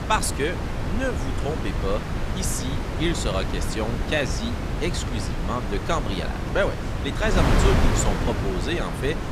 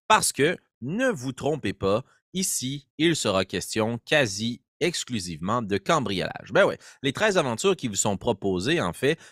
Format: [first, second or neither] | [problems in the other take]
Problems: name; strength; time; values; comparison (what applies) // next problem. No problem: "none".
second | wind noise on the microphone; heavy; 3 dB below the speech